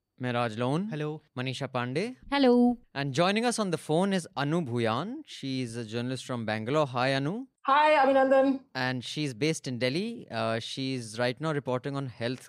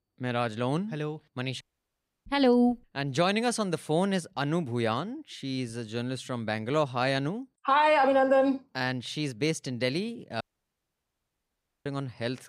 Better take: first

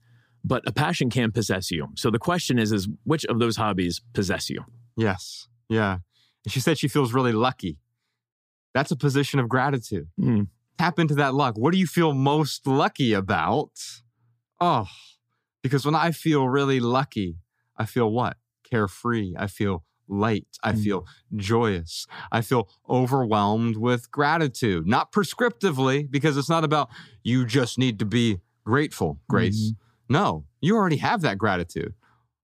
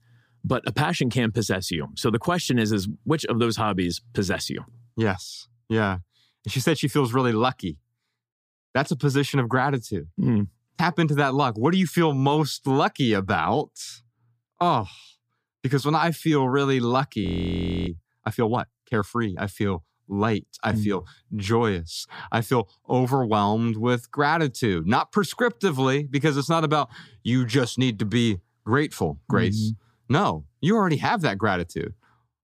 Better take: first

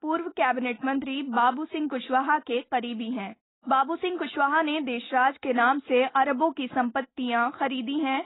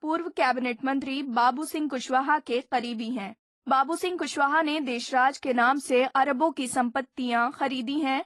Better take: second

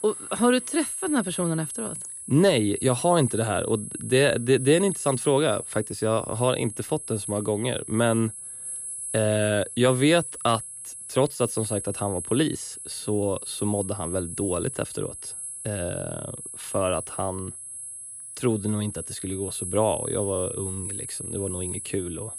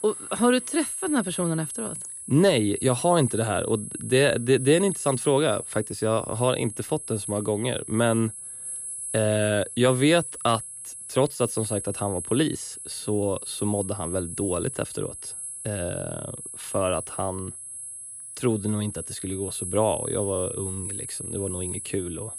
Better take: neither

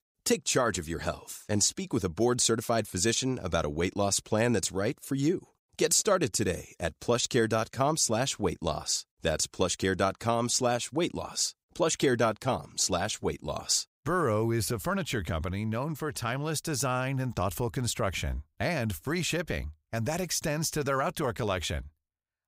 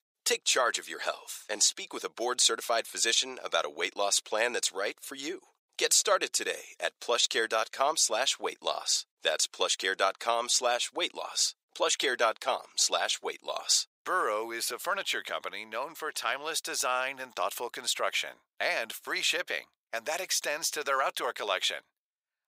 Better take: first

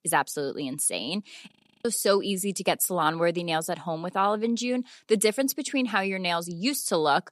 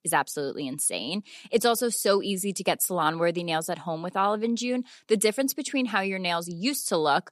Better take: second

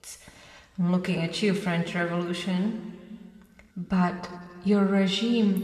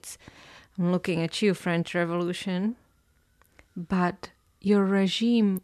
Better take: second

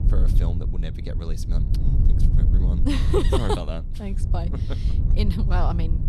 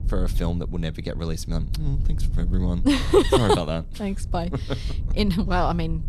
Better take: second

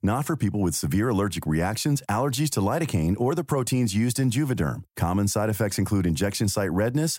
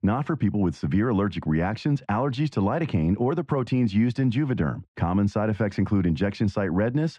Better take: first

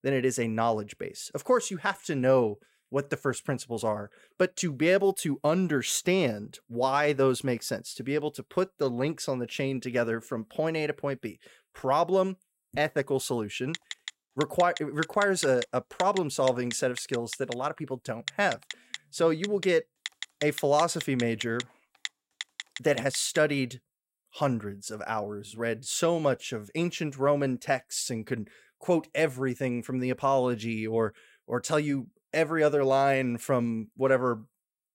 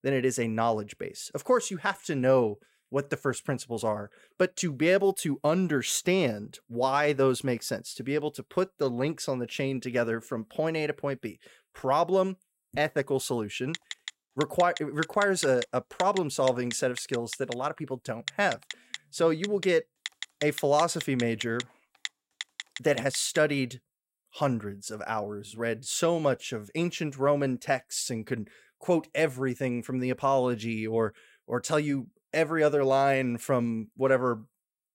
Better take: neither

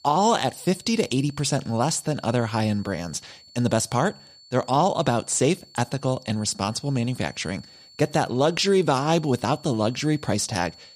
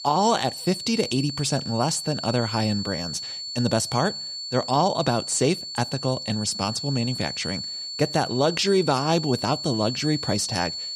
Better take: first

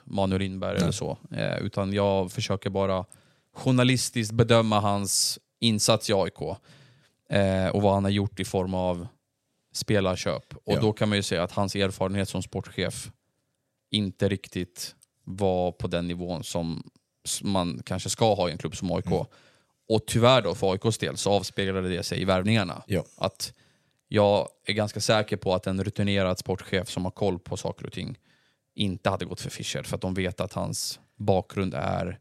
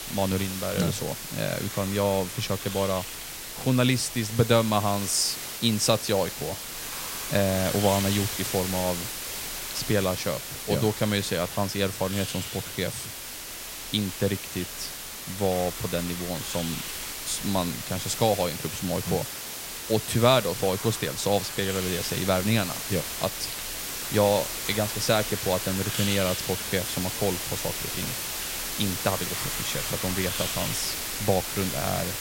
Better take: first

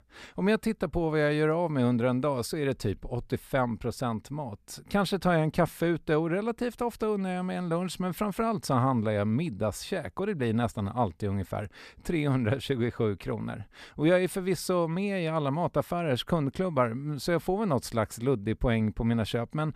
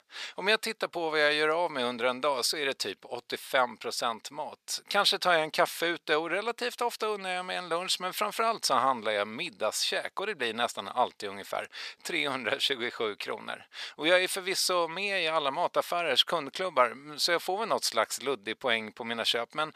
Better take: first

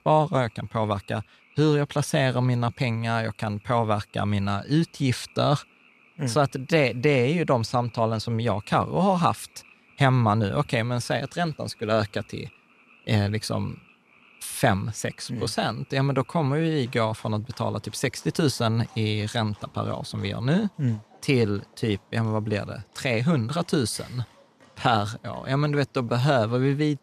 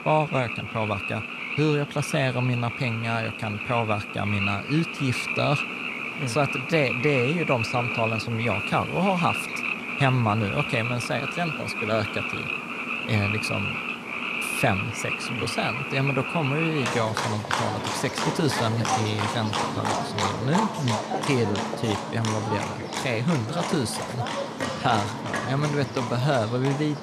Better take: first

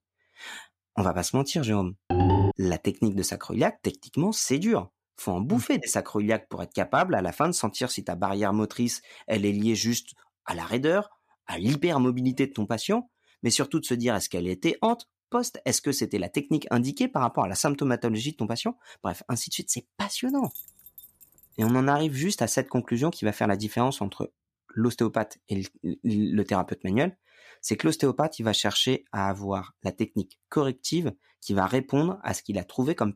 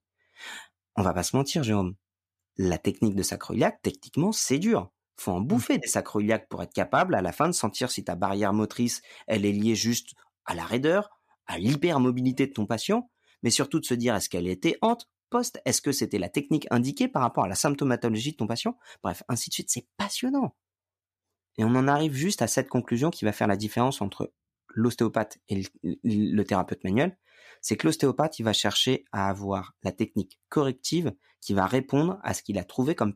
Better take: second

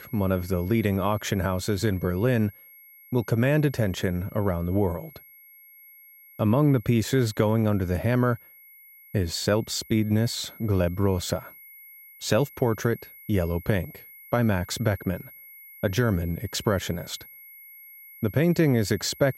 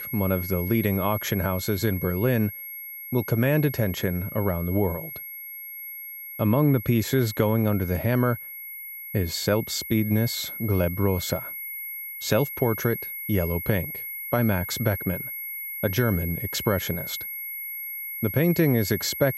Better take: first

